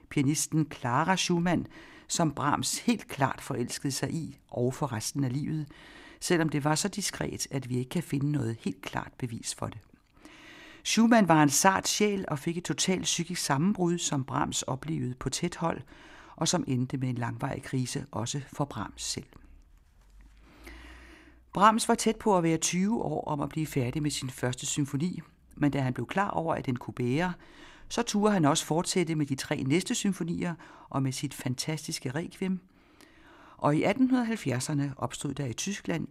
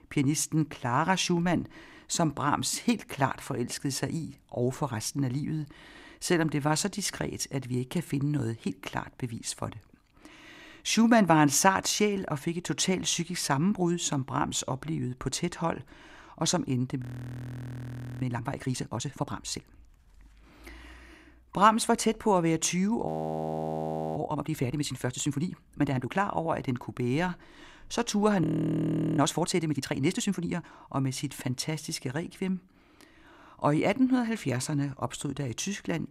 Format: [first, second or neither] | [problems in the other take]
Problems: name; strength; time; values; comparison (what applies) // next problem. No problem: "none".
first | audio freezing; at 17 s for 1 s, at 23 s for 1 s and at 28 s for 0.5 s